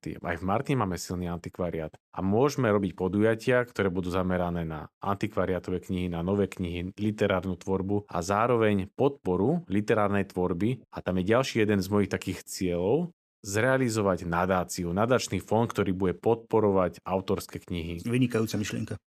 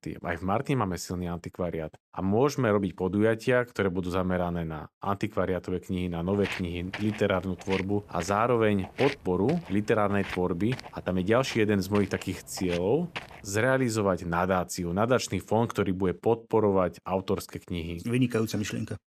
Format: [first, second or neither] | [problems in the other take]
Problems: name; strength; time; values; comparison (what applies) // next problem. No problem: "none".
first | footsteps; noticeable; from 6.5 to 13 s; peak 7 dB below the speech